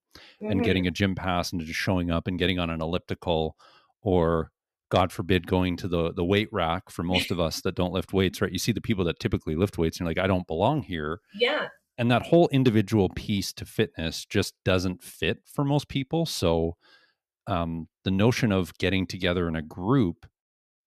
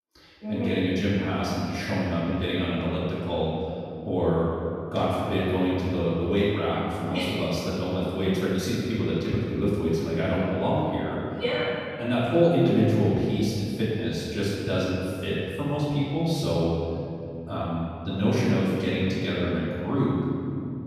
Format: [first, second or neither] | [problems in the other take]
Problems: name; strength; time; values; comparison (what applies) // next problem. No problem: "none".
first | off-mic speech; far // room echo; strong; dies away in 2.7 s